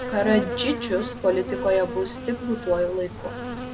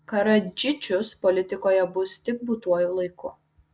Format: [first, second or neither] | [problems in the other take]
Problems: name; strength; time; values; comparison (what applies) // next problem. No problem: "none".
second | background sound (Insect); 7 dB below the speech